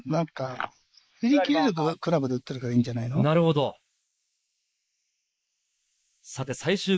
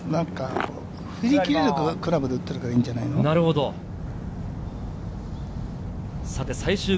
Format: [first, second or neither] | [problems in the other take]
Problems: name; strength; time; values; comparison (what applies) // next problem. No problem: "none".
second | noise reduction (neural mask model Resemble Enhance denoiser)